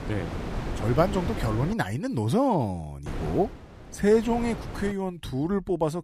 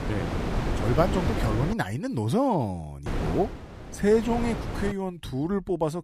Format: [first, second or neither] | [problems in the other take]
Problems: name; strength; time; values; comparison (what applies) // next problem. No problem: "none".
first | wind noise on the microphone; heavy; until 1.5 s and from 3 to 5 s; 6 dB below the speech; occasional gusts in the first